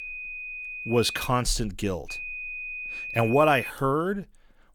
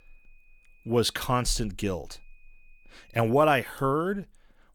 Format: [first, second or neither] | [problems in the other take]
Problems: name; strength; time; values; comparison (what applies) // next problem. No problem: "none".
second | high-pitched whine; loud; until 1.5 s and from 2 to 3.5 s; 2.5 kHz, 8 dB below the speech; faint in the second